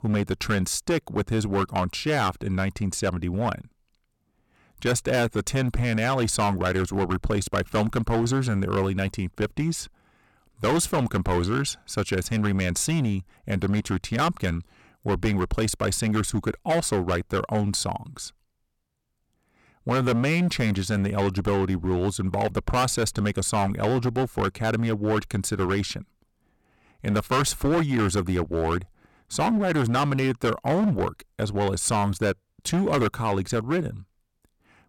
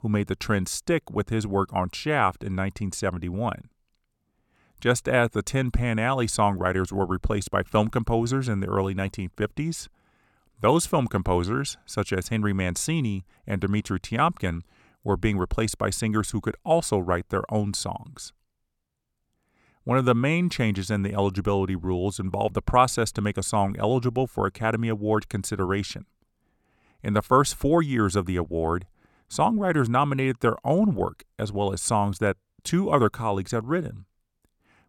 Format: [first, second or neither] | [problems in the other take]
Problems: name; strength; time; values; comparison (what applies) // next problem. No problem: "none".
second | distortion; heavy; 11% of the sound clipped